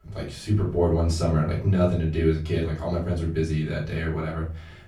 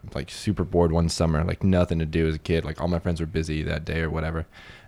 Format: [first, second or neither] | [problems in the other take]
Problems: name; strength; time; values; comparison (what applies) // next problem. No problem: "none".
second | off-mic speech; far // room echo; slight; dies away in 0.3 s